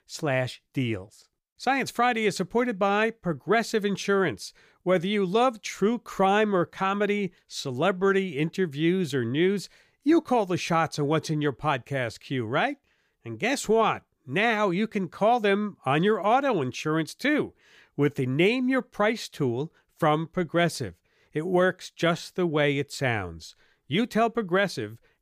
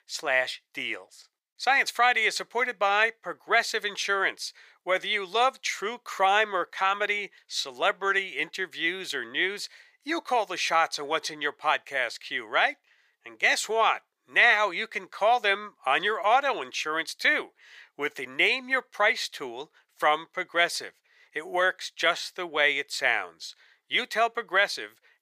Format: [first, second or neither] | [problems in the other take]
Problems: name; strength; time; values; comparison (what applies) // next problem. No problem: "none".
first | thin; very; fading below 750 Hz